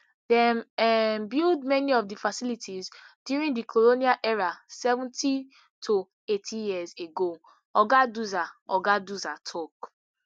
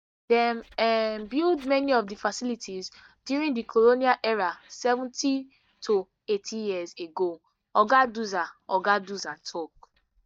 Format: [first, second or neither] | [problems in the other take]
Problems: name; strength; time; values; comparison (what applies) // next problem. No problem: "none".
first | noise reduction (neural mask model DeepFilterNet 3)